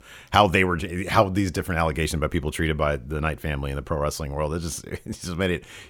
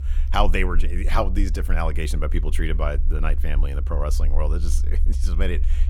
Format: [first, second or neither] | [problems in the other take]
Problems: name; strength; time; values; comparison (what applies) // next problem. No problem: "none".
first | low rumble; noticeable; throughout; 15 dB below the speech